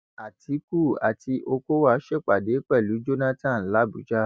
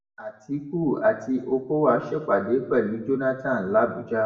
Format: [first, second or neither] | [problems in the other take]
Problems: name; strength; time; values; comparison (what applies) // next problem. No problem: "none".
first | room echo; dies away in 0.8 s